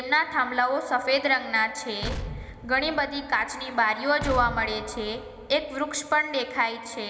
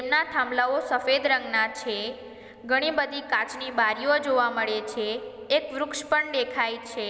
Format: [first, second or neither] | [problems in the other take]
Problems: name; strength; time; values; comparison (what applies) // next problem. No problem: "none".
second | background sound (Explosion); 11 dB below the speech // room echo; dies away in 0.4 s